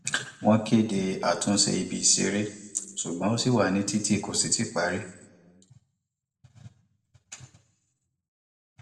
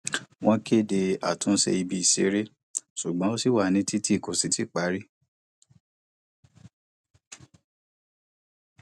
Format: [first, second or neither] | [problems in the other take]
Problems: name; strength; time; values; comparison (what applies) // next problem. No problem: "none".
second | room echo; dies away in 0.7 s